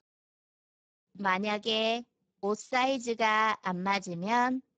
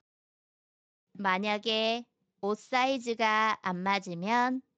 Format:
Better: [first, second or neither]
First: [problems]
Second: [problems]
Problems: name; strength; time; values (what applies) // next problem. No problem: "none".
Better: second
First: garbled, watery; badly; nothing above 7.5 kHz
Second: garbled, watery; slightly; nothing above 7.5 kHz